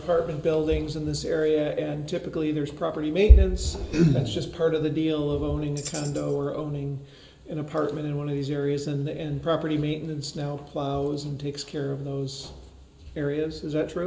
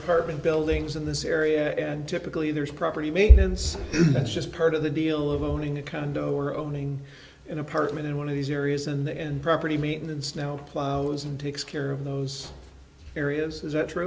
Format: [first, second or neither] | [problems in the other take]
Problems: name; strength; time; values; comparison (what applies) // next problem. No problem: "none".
second | background sound (Tambourine); 16 dB below the speech // room echo; dies away in 0.9 s